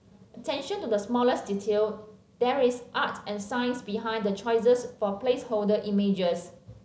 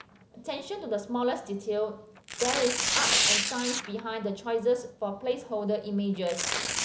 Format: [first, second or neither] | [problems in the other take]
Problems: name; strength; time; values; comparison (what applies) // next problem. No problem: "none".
first | background sound (Tearing); 1 dB below the speech